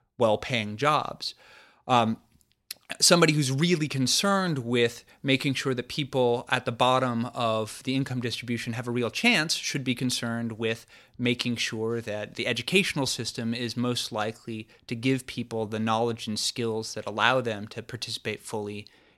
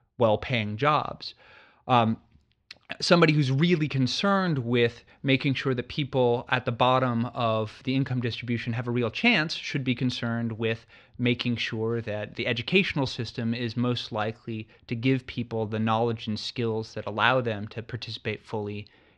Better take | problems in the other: first | muffled; very slightly; fading above 4 kHz

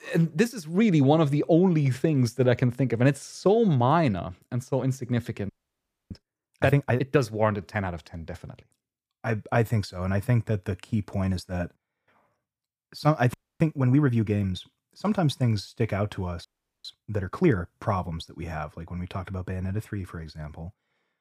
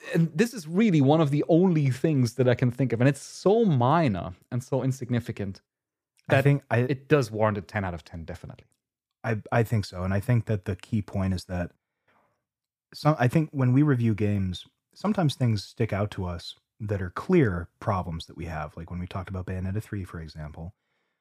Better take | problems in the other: second | audio freezing; at 5.5 s for 0.5 s, at 13 s and at 16 s

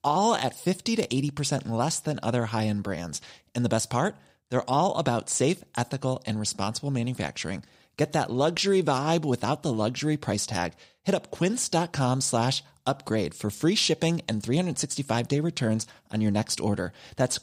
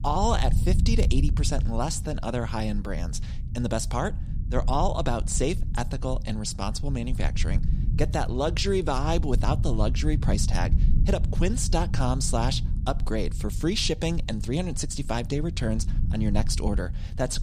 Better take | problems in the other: first | low rumble; noticeable; throughout; 15 dB below the speech

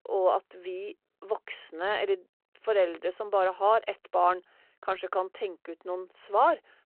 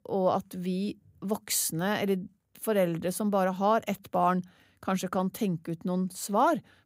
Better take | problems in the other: second | phone-call audio

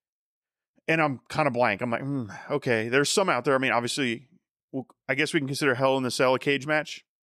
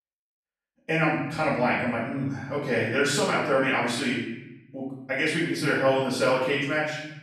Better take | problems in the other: first | off-mic speech; far // room echo; noticeable; dies away in 0.9 s

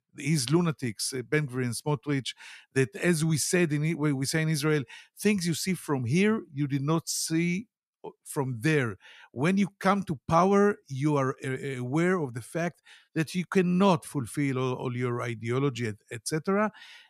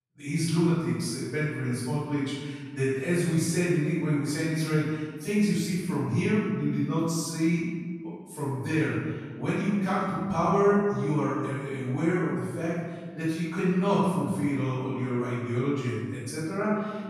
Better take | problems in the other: first | off-mic speech; far // room echo; strong; dies away in 1.6 s

